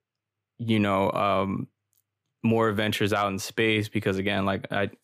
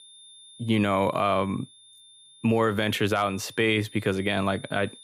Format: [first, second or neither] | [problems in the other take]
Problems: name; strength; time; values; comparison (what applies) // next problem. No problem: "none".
first | high-pitched whine; faint; throughout; 3.5 kHz, 25 dB below the speech